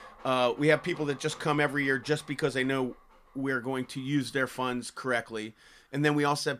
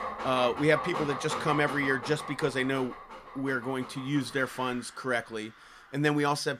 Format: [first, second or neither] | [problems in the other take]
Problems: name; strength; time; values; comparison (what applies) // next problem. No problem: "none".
first | animal sounds; loud; throughout; 9 dB below the speech; faint in the first